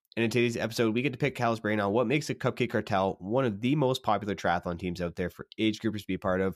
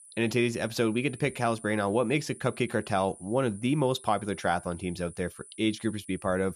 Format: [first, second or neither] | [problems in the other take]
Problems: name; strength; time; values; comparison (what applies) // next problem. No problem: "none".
first | high-pitched whine; noticeable; throughout; 10 kHz, 20 dB below the speech